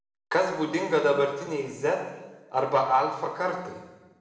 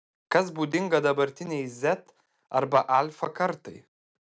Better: second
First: room echo; dies away in 1.1 s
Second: none

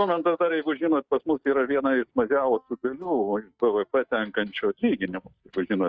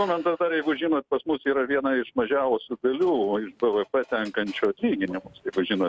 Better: second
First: noise reduction (neural mask model DeepFilterNet 3)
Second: none

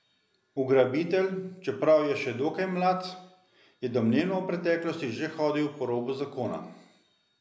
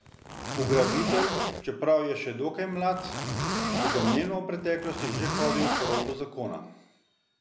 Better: first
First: none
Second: background sound (Zipper (clothing)); as loud as the speech

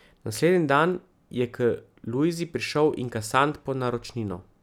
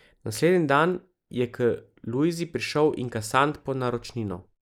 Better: first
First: none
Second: noise reduction (neural mask model Resemble Enhance denoiser)

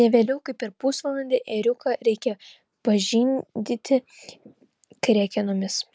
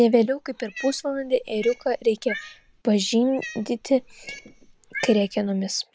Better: first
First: none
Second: background sound (Cat); 16 dB below the speech

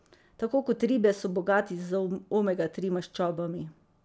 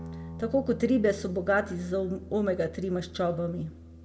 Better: first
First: none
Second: background sound (Guitar); 14 dB below the speech // room echo; dies away in 0.7 s

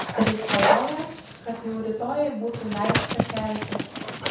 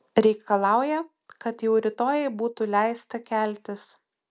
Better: second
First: background sound (Dog); as loud as the speech // room echo; dies away in 0.6 s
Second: none

